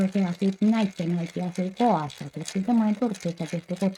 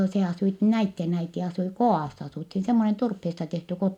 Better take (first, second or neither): second